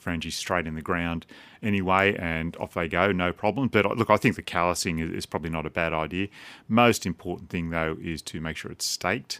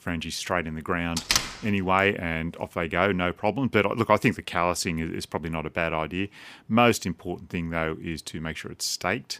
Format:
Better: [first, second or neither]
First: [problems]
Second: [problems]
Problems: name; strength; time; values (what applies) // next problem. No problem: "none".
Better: first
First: none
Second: door banging; loud; at 1 s; peak 3 dB above the speech